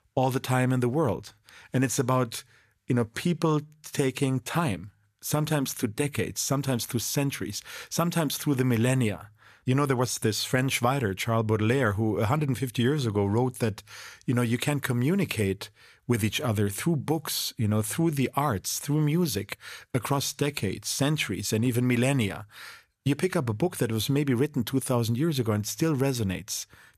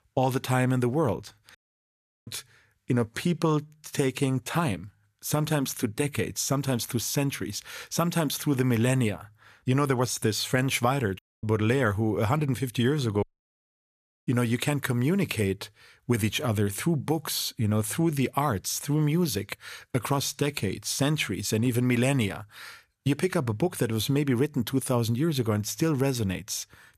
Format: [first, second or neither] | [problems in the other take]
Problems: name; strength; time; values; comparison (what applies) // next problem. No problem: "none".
first | audio cutting out; at 1.5 s for 0.5 s, at 11 s and at 13 s for 1 s